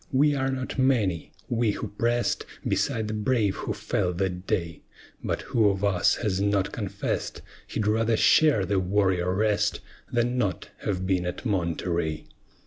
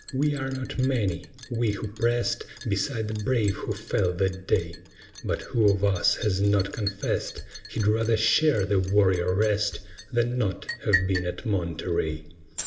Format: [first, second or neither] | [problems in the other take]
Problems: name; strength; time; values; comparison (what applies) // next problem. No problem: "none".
first | background sound (Liquid); 15 dB below the speech // room echo; dies away in 1.8 s